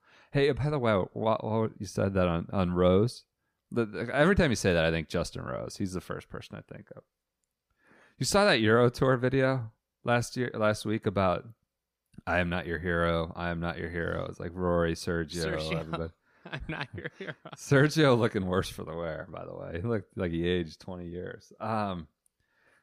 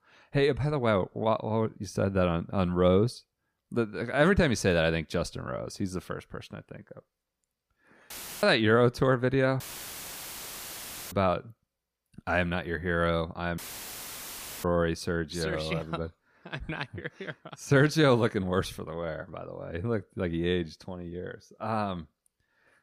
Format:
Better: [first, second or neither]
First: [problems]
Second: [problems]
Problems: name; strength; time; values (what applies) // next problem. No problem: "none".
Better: first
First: none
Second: audio cutting out; filled with static; at 8 s, at 9.5 s for 1.5 s and at 14 s for 1 s